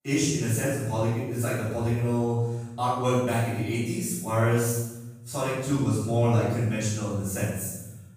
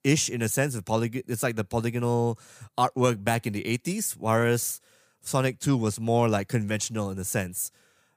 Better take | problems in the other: second | off-mic speech; far // room echo; strong; dies away in 1 s

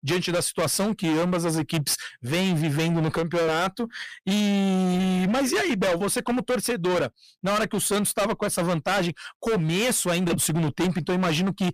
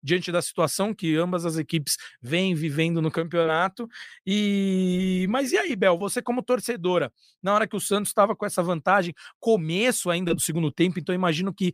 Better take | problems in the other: second | distortion; heavy; 29% of the sound clipped

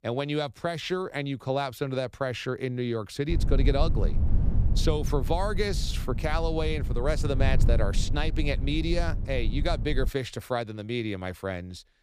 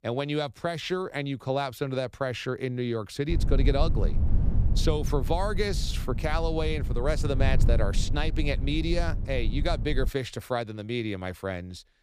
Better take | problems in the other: neither | low rumble; noticeable; from 3.5 to 10 s; 15 dB below the speech; the same in both

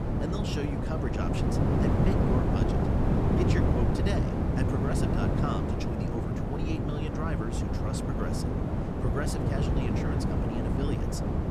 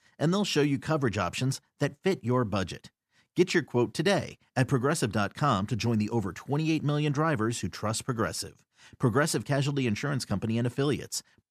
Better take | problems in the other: second | wind noise on the microphone; heavy; 4 dB above the speech

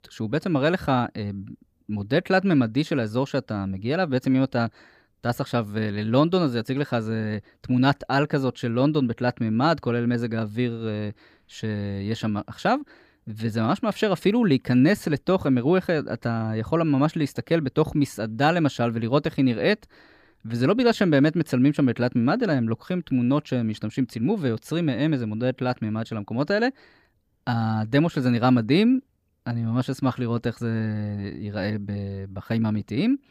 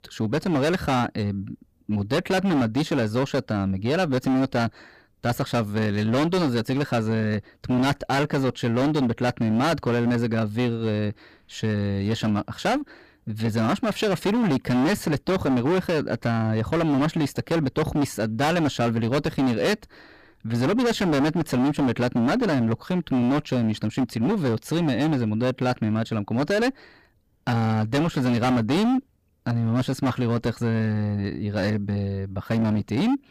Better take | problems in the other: first | distortion; heavy; 21% of the sound clipped

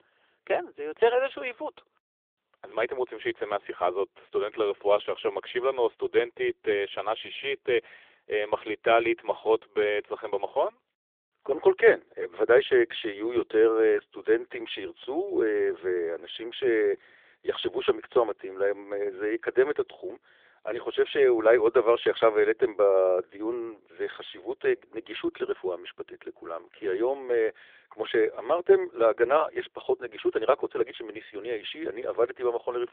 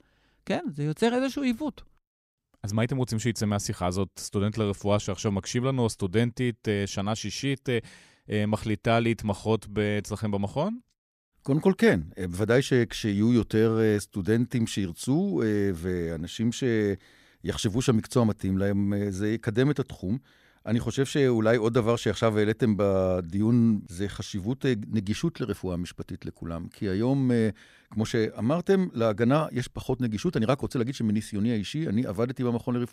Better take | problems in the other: second | phone-call audio; nothing above 3.5 kHz

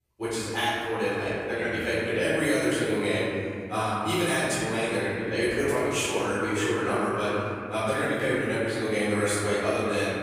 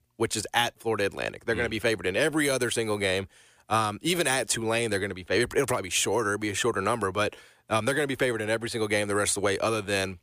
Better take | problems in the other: second | room echo; strong; dies away in 2.5 s // off-mic speech; far

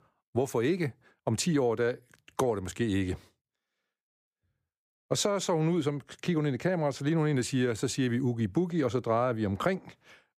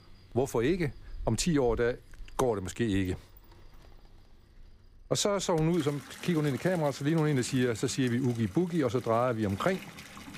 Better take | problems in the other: first | household noises; noticeable; throughout; 20 dB below the speech

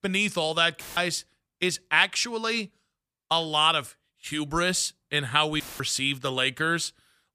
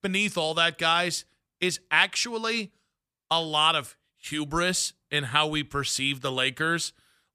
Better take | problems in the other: second | audio cutting out; filled with static; at 1 s and at 5.5 s

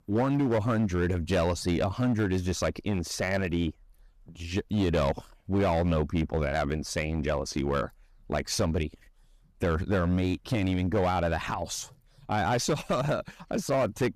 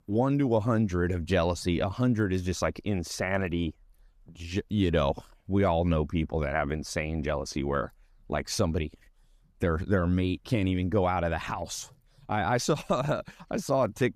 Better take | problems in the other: second | distortion; slight; 8% of the sound clipped

